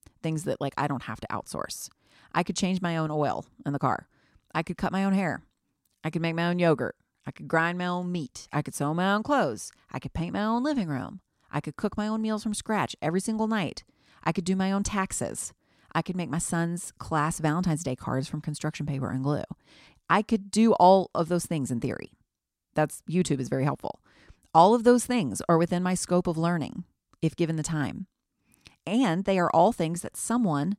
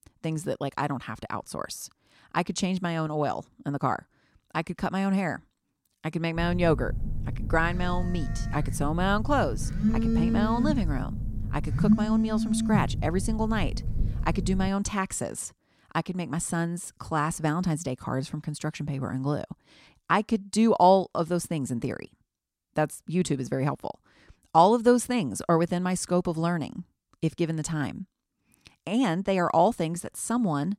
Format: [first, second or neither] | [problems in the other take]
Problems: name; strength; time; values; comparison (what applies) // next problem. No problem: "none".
first | phone ringing; loud; from 6.5 to 15 s; peak 4 dB above the speech